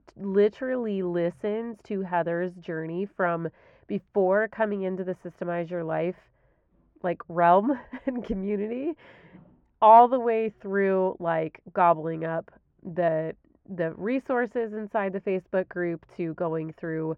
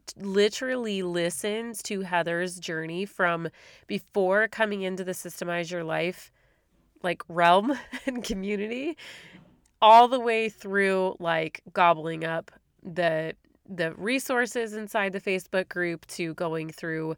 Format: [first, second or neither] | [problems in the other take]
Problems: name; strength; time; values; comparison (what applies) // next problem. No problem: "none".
second | muffled; very; fading above 3.5 kHz